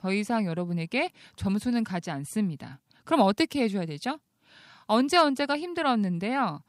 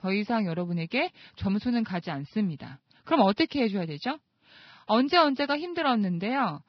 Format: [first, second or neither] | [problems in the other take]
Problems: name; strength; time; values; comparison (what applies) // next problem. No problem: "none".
first | garbled, watery; badly